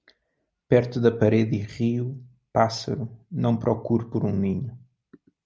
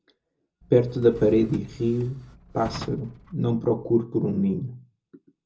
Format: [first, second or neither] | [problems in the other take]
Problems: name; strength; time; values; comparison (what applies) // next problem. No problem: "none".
first | background sound (Drawer open or close); 17 dB below the speech // room echo; dies away in 0.2 s